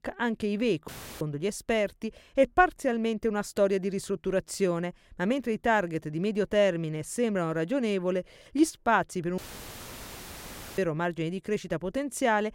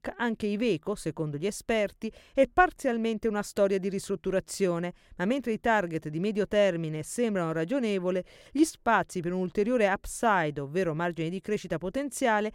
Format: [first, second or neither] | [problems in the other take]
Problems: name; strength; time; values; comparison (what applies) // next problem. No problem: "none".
second | audio cutting out; filled with static; at 1 s and at 9.5 s for 1.5 s